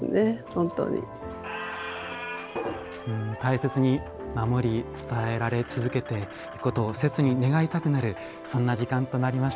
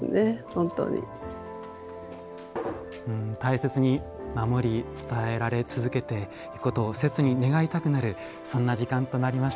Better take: second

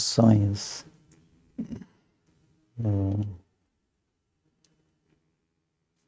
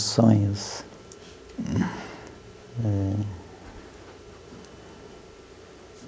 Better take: second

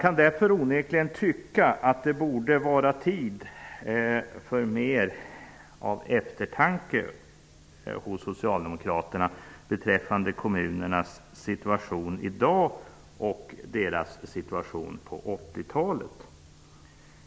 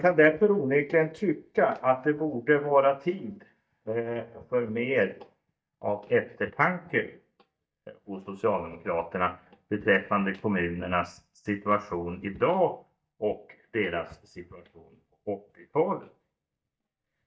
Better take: first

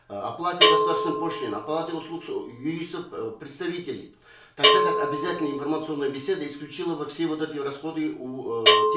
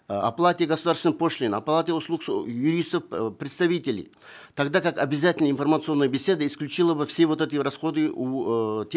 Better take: second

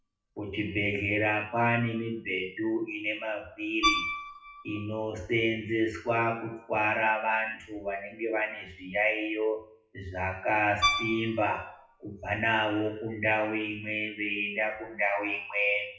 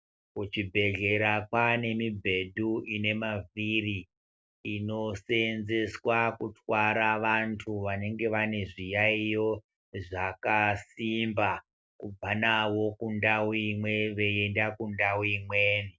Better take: second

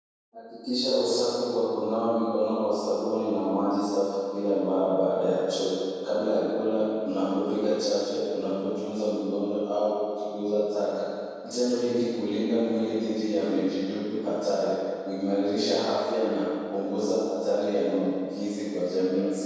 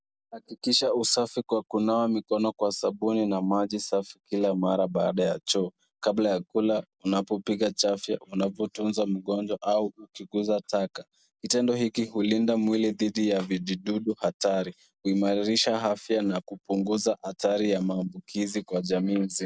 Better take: second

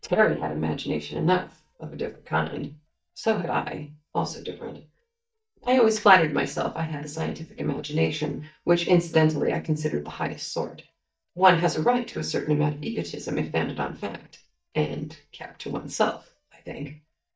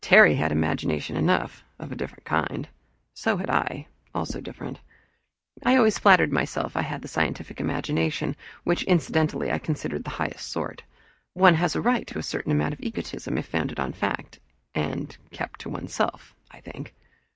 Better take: second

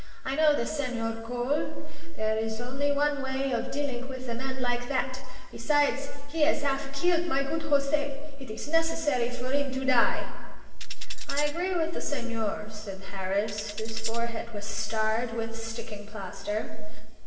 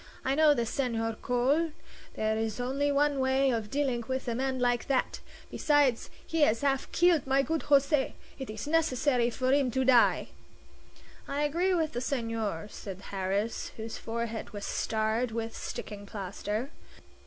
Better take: second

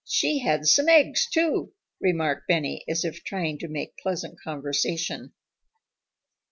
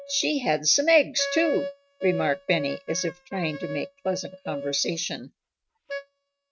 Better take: first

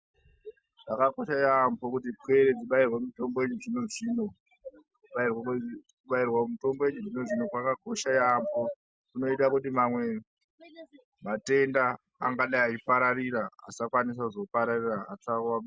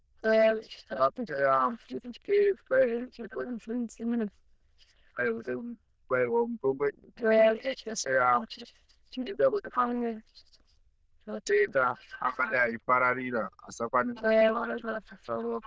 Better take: first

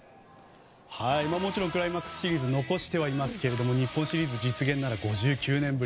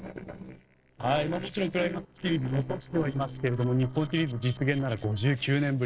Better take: first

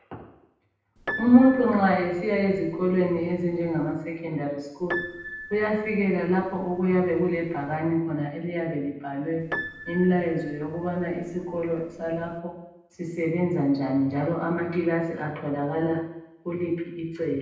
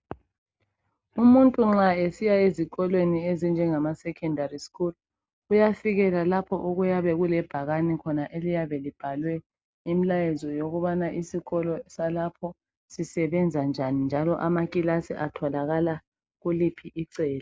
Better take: second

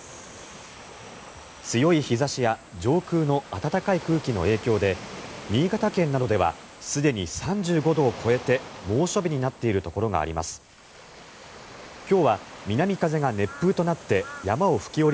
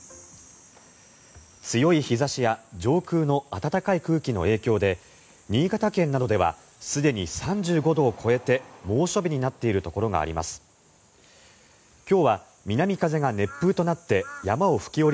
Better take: second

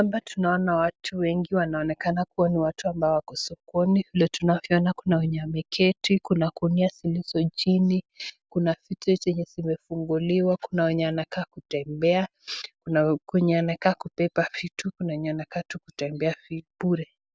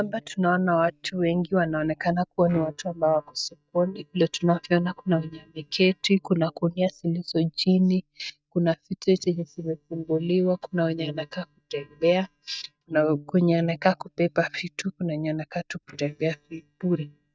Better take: first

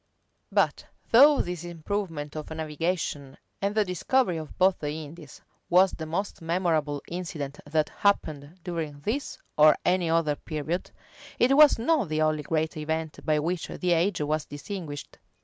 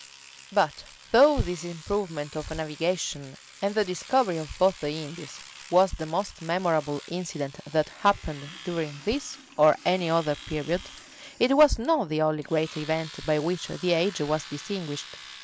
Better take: first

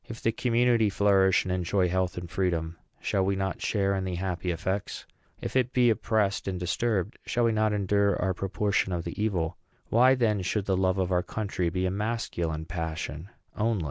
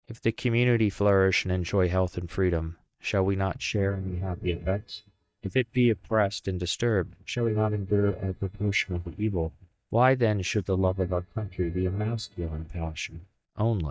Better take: first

